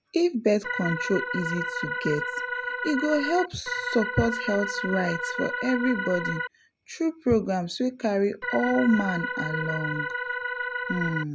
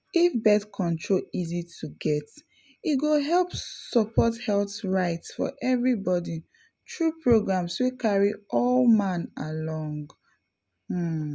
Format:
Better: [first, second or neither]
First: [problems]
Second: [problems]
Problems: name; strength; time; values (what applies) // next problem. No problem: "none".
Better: second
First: background sound (Organ); 3 dB below the speech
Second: none